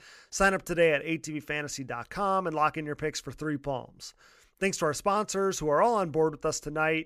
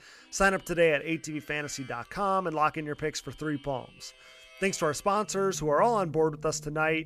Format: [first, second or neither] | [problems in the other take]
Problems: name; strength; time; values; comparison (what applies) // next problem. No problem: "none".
first | background music; faint; throughout; 20 dB below the speech